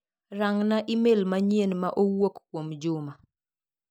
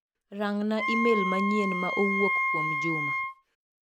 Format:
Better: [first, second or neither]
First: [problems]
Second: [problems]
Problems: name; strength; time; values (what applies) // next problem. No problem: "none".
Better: first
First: none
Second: background sound (Wind instrument, woodwind instrument); as loud as the speech